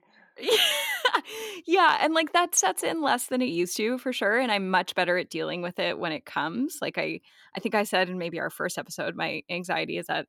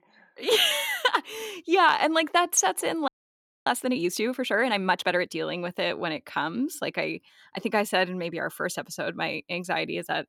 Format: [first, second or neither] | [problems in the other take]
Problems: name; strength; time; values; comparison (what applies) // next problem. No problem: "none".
first | audio freezing; at 3 s for 0.5 s